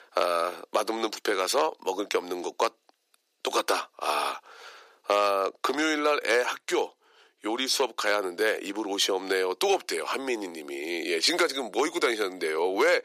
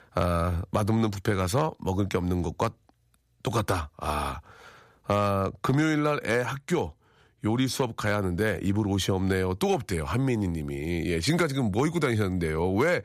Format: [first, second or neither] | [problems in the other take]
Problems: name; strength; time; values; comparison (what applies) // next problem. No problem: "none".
second | thin; very; fading below 350 Hz